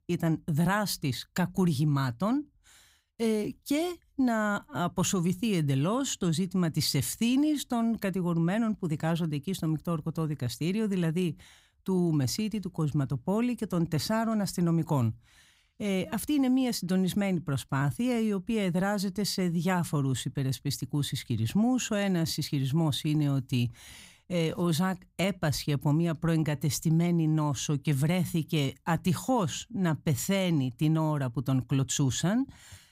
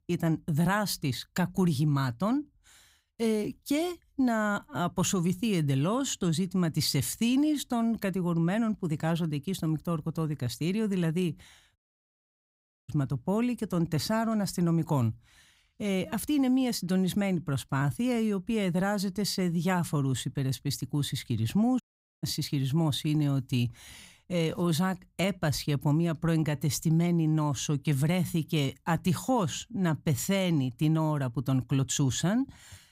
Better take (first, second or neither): first